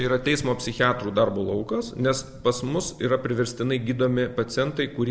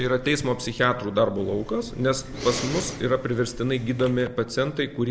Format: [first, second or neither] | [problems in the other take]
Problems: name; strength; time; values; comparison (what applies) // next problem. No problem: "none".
first | background sound (Respiratory sounds); 12 dB below the speech